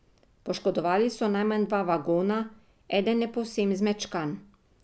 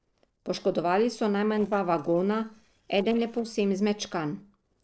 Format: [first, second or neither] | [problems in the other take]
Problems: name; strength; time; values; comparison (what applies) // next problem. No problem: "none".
first | noise reduction (neural separator model SepFormer DNS4)